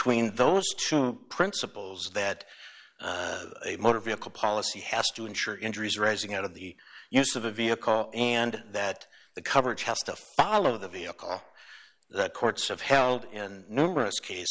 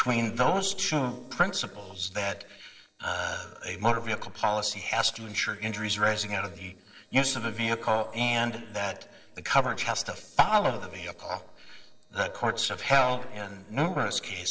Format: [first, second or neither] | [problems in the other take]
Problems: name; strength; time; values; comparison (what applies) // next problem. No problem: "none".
first | noise reduction (neural separator model SepFormer DNS4)